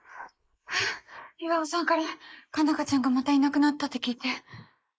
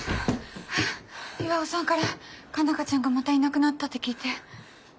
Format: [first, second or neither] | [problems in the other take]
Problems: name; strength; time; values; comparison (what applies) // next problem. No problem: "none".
second | noise reduction (neural mask model Resemble Enhance denoiser)